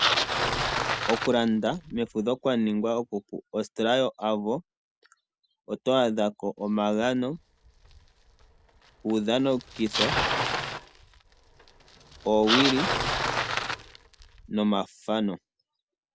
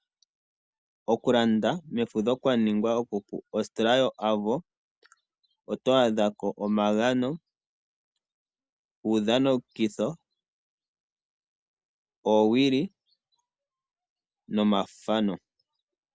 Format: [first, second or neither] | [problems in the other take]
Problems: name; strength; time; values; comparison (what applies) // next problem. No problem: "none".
second | background sound (Bicycle); 4 dB below the speech